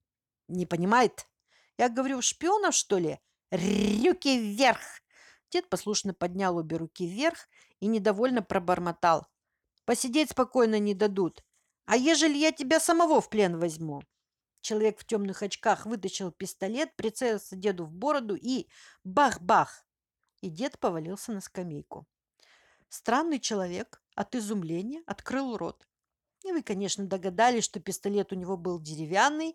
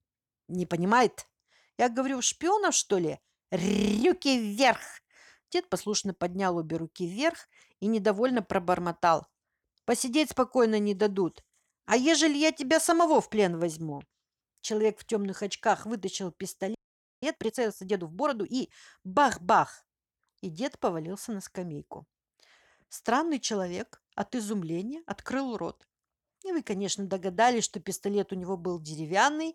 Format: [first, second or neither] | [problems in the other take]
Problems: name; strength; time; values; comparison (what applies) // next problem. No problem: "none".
first | audio freezing; at 17 s